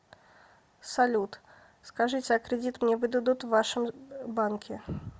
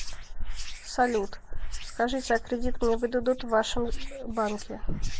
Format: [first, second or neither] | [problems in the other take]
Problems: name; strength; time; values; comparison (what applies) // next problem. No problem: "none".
first | noise reduction (neural mask model Resemble Enhance denoiser)